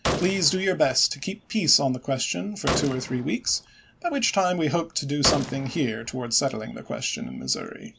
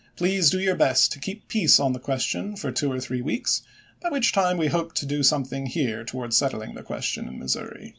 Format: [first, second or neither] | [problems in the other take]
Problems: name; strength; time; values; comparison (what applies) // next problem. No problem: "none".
second | background sound (Gunshot, gunfire); 9 dB below the speech